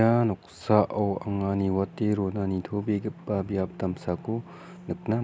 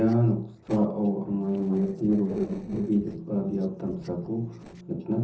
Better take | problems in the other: first | noise reduction (neural separator model SepFormer DNS4)

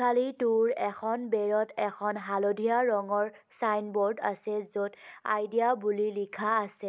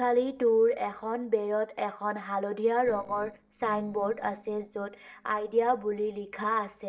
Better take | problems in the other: first | noise reduction (neural separator model SepFormer DNS4)

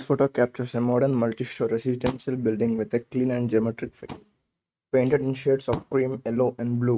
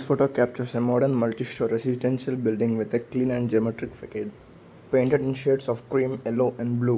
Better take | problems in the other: second | noise reduction (neural mask model RNNoise)

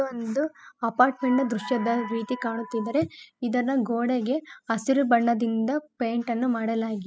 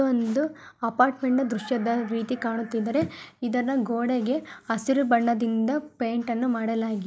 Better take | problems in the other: second | noise reduction (classical method spectral subtraction)

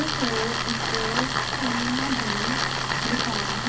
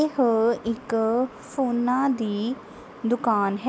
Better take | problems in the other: second | background sound (Tools); 5 dB above the speech // room echo; dies away in 0.4 s

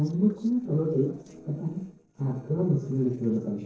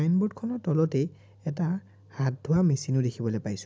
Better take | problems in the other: second | noise reduction (neural separator model SepFormer DNS4)

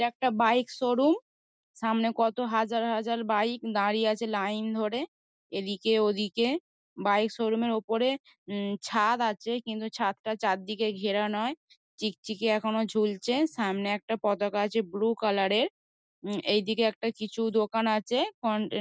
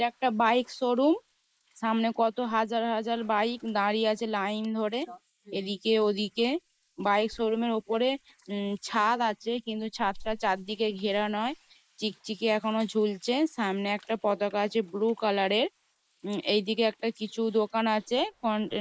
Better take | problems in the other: first | noise reduction (neural mask model Resemble Enhance denoiser)

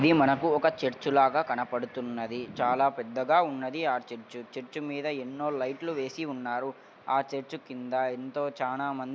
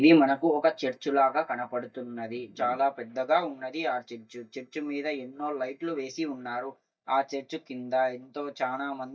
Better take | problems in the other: first | noise reduction (neural mask model DeepFilterNet 3)

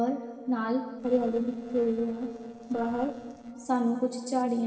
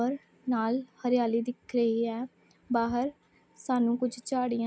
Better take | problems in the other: second | noise reduction (neural separator model SepFormer DNS4)

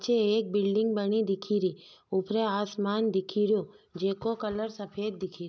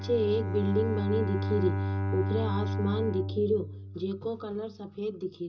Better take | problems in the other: first | background sound (Bowed string instrument); 2 dB below the speech // room echo; dies away in 0.2 s

